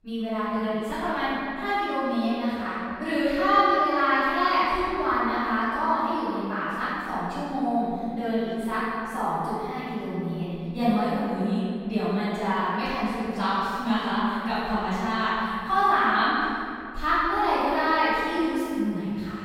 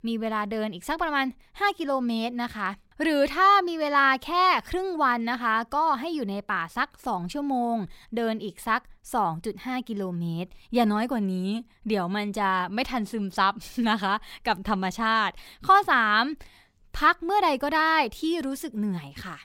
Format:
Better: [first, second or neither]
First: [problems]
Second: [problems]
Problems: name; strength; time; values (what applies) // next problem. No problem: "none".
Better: second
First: off-mic speech; far // room echo; strong; dies away in 2.6 s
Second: none